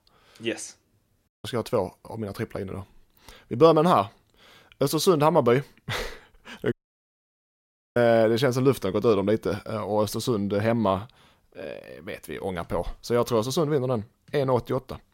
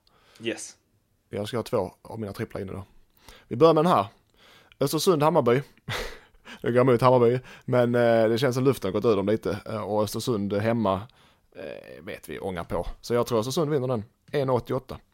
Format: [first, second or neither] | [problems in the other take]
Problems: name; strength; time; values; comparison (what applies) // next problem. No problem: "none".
second | audio cutting out; at 1.5 s and at 6.5 s for 1 s